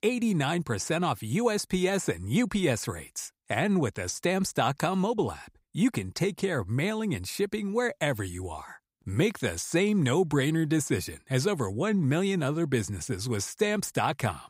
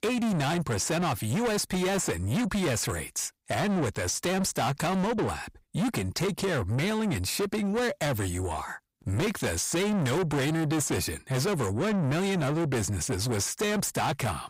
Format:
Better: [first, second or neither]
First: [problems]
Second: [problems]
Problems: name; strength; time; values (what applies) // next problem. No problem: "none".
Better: first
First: none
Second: distortion; heavy; 6 dB below the speech